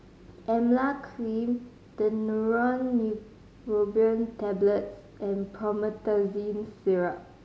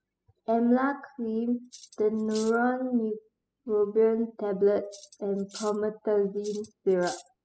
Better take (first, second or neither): first